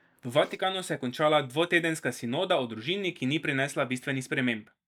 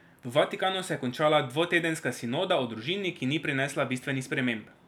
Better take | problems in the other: second | noise reduction (neural mask model DeepFilterNet 3)

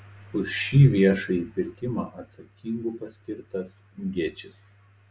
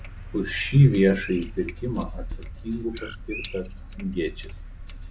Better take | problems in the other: first | background sound (Sink (filling or washing) + Bird); 11 dB below the speech

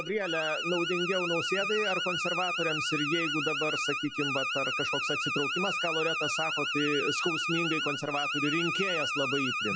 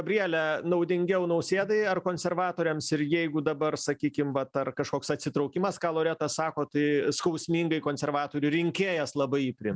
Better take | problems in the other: second | noise reduction (classical method log-MMSE)

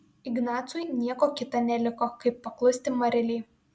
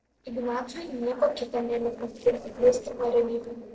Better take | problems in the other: first | noise reduction (neural separator model SepFormer DNS4)

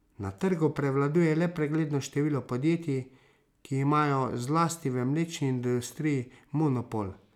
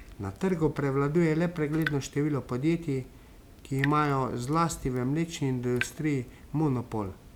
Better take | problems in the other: first | background sound (Drip / Water tap, faucet); 15 dB below the speech

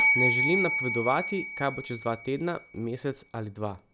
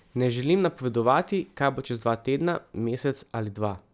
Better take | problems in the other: second | background sound (Bell); as loud as the speech

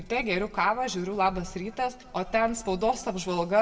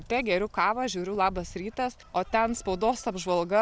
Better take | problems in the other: second | room echo; dies away in 1.3 s

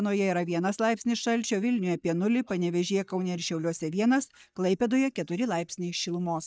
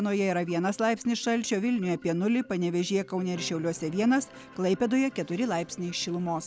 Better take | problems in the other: second | noise reduction (neural mask model DeepFilterNet 3)

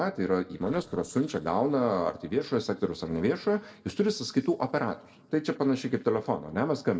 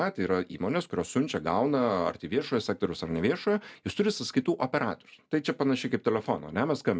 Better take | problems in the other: second | noise reduction (neural separator model SepFormer DNS4)

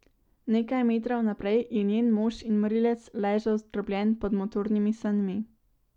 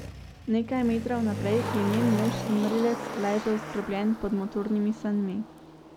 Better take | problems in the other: first | background sound (Motor vehicle (road)); 8 dB below the speech

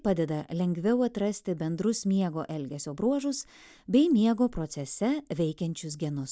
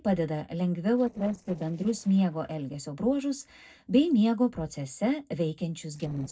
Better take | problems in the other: first | noise reduction (neural separator model SepFormer DNS4)

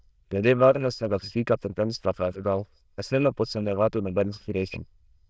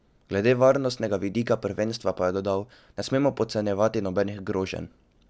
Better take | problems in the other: second | noise reduction (neural diffusion model UNIVERSE++)

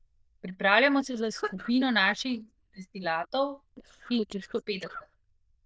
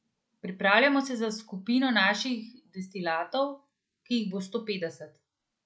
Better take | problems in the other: second | noise reduction (neural diffusion model UNIVERSE++)

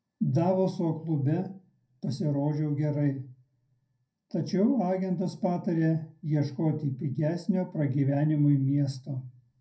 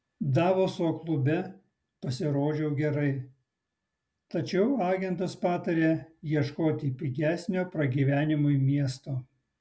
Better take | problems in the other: second | room echo; dies away in 0.2 s

